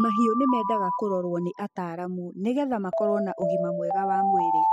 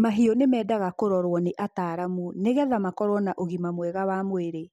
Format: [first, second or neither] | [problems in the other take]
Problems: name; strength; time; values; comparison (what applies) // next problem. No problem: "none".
second | noise reduction (classical method spectral subtraction)